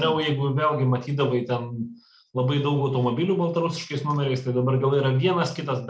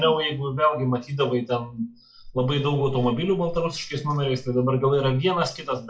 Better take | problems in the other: first | noise reduction (classical method WPE with log-MMSE)

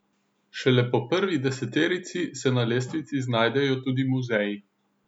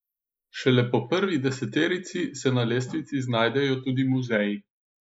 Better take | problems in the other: first | noise reduction (neural mask model Resemble Enhance denoiser)

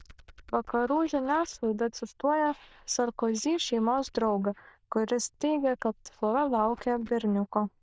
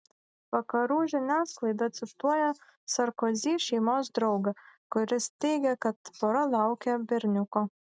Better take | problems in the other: second | noise reduction (neural diffusion model UNIVERSE++)

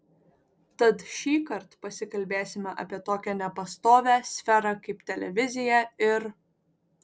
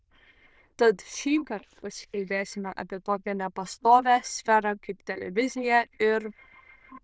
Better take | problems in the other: first | noise reduction (neural diffusion model UNIVERSE++)

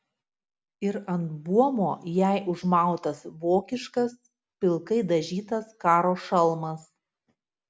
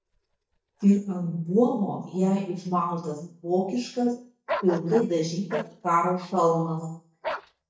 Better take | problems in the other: first | noise reduction (neural mask model DeepFilterNet 3)

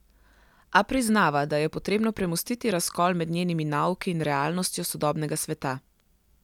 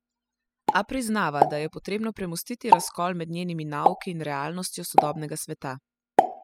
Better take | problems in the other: first | noise reduction (classical method spectral subtraction)

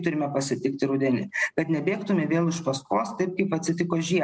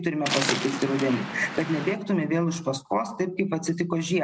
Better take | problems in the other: first | background sound (Waves, surf); 7 dB below the speech

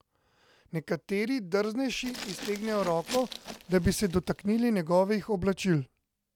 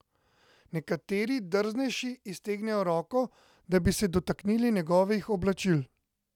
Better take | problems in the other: second | background sound (Glass); 14 dB below the speech

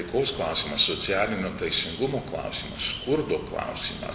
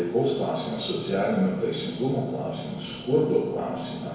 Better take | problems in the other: first | room echo; dies away in 0.9 s

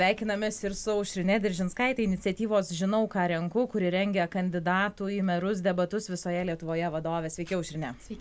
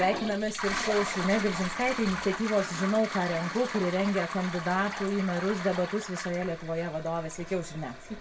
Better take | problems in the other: first | background sound (Toilet flush); 7 dB below the speech // room echo; dies away in 0.2 s

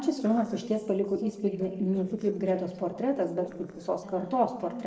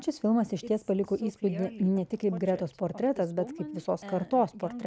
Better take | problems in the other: second | noise reduction (neural separator model SepFormer DNS4)

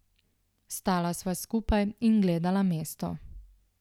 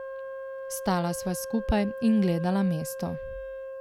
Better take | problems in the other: first | background sound (Wind instrument, woodwind instrument); 9 dB below the speech

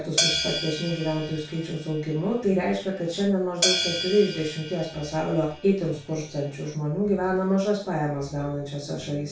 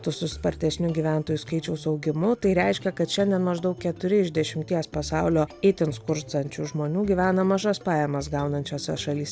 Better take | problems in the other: second | background sound (Hi-hat); 5 dB below the speech // room echo; dies away in 0.3 s

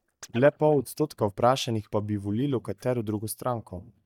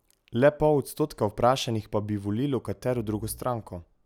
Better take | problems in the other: second | noise reduction (neural mask model DeepFilterNet 3)

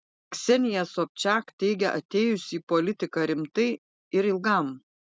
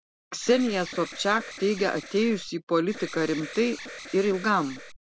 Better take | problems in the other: first | background sound (Alarm); 14 dB below the speech

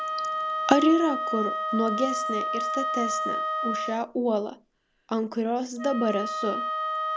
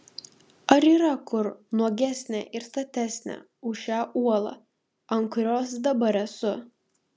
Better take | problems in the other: second | background sound (Wind instrument, woodwind instrument); 2 dB below the speech

